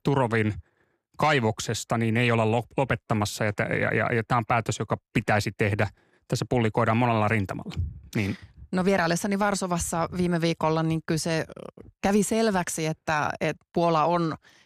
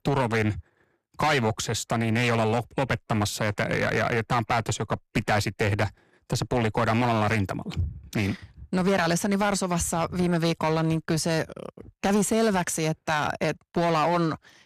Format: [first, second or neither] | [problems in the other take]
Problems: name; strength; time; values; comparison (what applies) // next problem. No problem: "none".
first | distortion; slight; 9% of the sound clipped